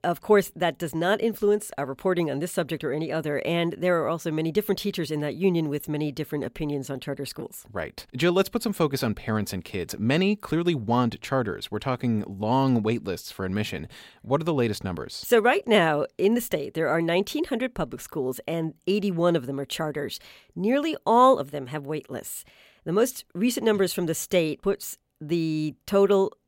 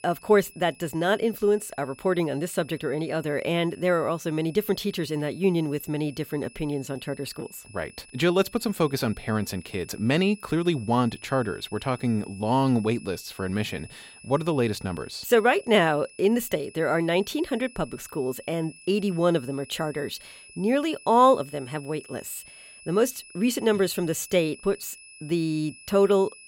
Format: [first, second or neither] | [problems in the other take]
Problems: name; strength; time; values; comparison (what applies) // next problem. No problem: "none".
first | high-pitched whine; faint; throughout; 2.5 kHz, 20 dB below the speech